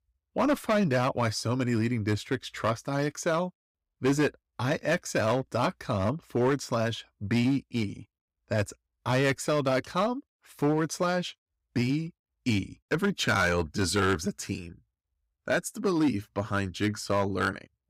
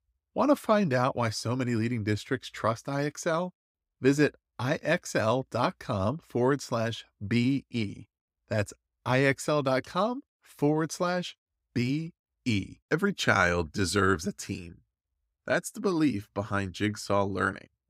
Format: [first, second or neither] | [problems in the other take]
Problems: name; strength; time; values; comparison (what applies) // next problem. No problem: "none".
second | distortion; slight; 4% of the sound clipped